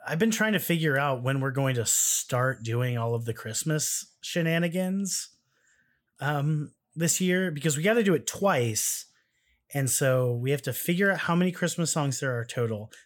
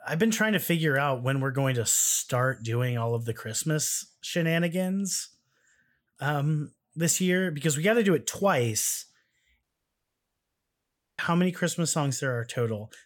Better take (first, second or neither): first